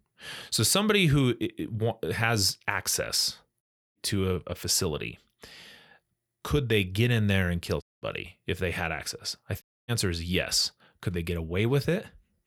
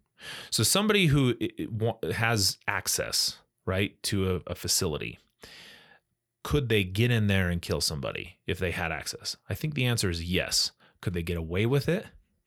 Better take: second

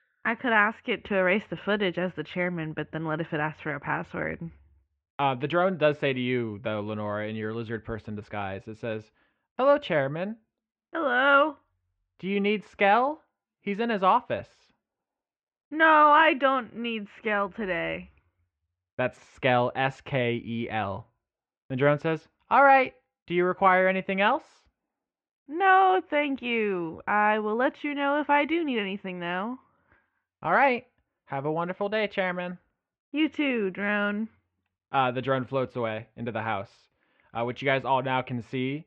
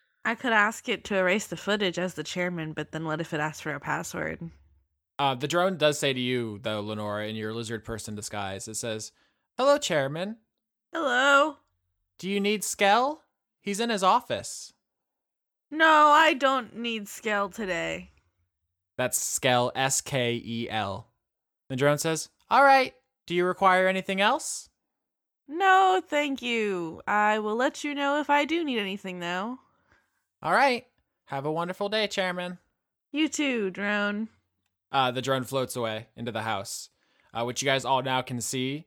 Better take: second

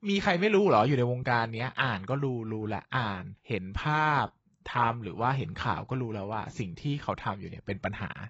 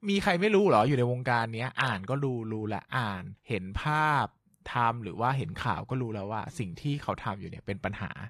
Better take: second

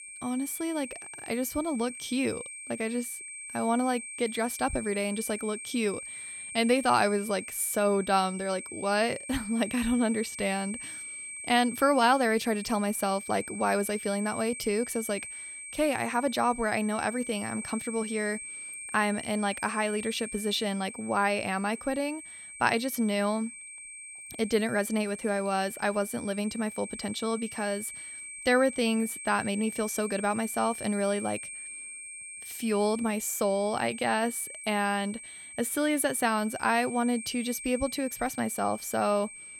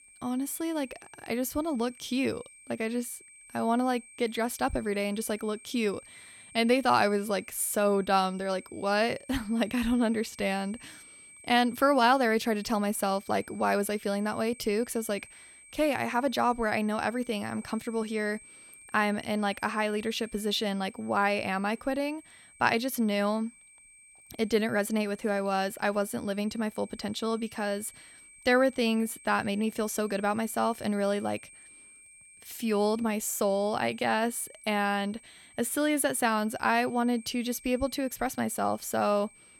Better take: second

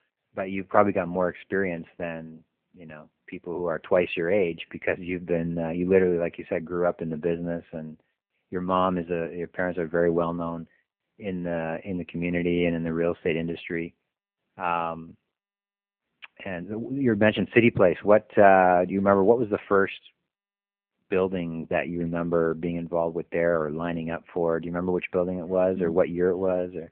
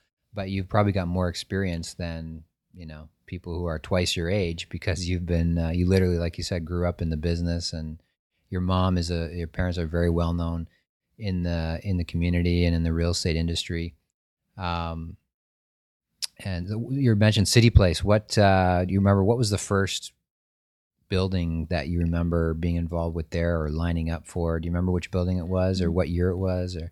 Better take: second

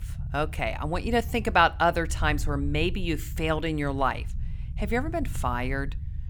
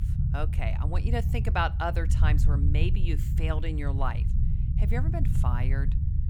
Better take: first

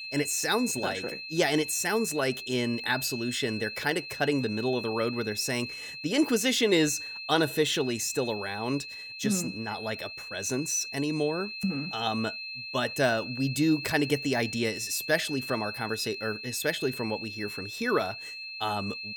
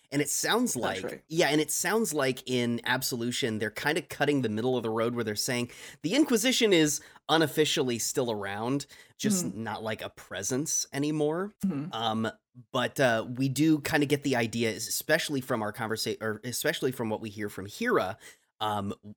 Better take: second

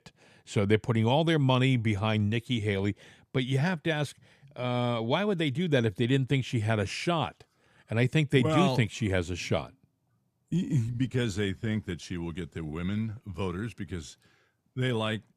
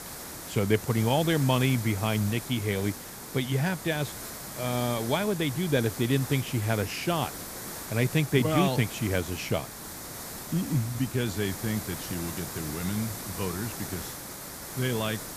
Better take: first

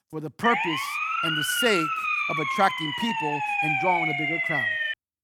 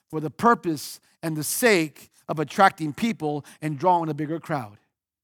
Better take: second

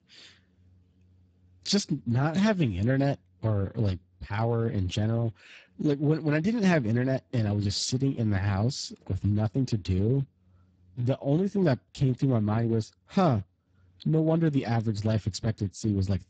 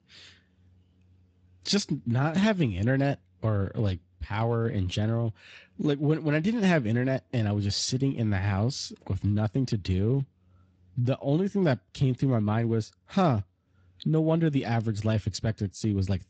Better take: second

